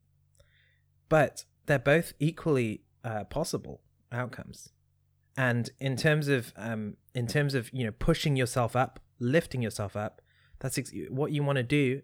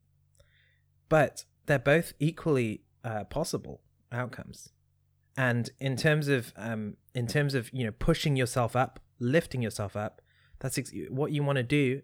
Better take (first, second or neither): neither